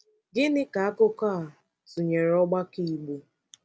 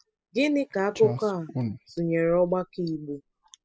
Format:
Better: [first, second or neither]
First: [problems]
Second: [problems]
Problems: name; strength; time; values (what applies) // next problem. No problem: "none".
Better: first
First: none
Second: noise reduction (classical method spectral subtraction)